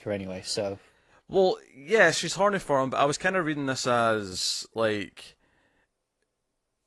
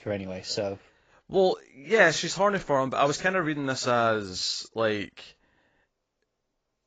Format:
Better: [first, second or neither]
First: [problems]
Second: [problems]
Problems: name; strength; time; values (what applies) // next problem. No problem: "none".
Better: first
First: garbled, watery; slightly; nothing above 11.5 kHz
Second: garbled, watery; badly; nothing above 7.5 kHz